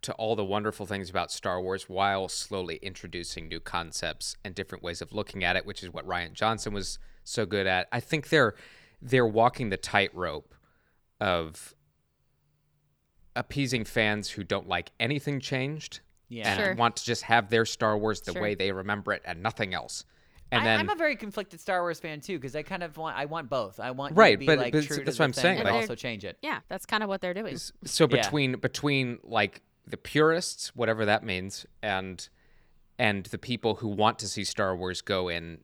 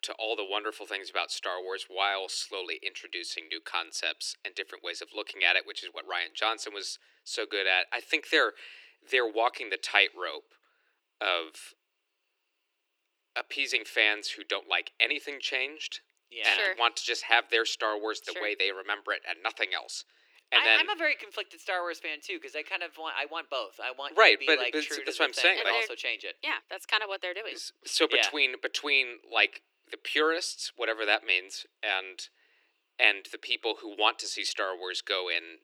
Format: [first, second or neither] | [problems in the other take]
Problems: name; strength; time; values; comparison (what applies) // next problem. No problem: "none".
first | thin; very; fading below 300 Hz